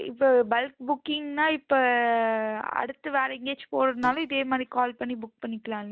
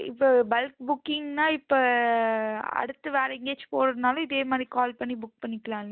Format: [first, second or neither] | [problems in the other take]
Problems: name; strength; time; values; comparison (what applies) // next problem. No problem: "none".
second | background sound (Fart); 18 dB below the speech